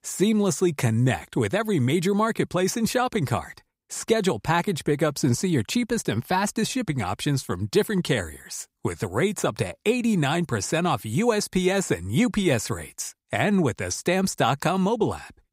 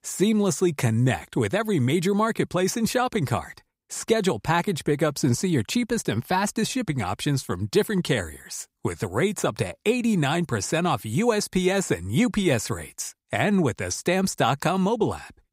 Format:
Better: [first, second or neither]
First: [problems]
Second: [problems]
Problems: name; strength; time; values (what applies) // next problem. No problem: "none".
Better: neither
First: none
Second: none